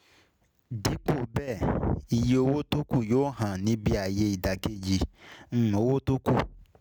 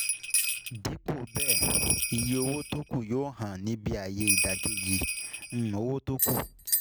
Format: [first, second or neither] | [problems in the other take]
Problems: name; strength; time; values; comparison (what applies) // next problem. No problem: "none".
first | background sound (Bell); 1 dB above the speech